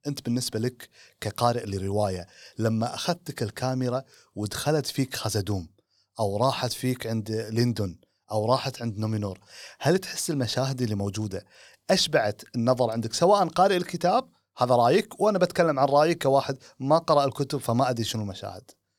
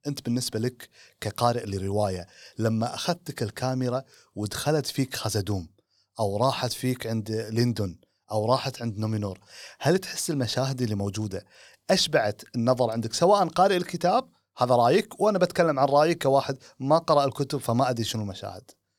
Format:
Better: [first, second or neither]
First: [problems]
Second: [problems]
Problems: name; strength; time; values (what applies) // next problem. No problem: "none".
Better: neither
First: none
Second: none